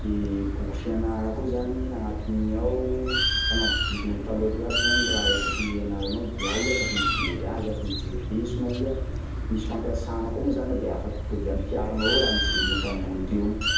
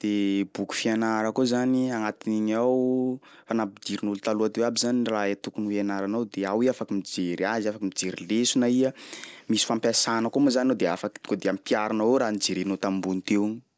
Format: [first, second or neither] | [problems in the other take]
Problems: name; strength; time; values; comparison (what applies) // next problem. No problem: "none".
second | background sound (Bird); 2 dB above the speech // room echo; dies away in 0.7 s